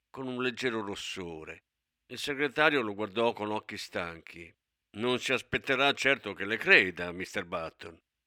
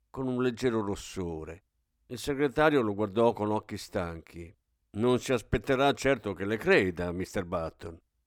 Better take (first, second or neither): second